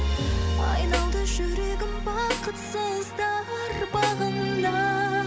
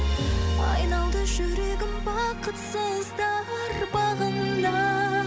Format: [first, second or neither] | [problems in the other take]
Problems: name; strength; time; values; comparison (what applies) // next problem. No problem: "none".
second | background sound (Snare drum); 11 dB below the speech